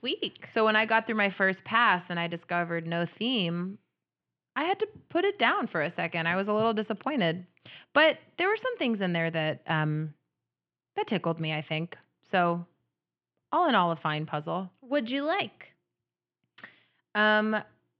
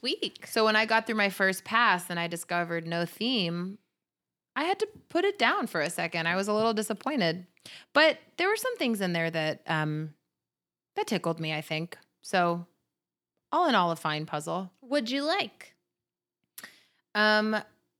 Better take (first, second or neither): second